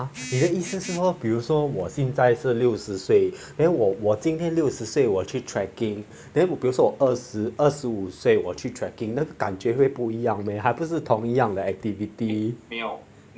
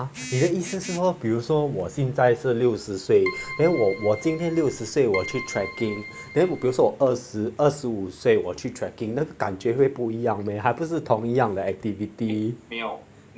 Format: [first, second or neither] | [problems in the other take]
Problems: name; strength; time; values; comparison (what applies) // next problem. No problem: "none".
first | background sound (Keyboard (musical)); 12 dB below the speech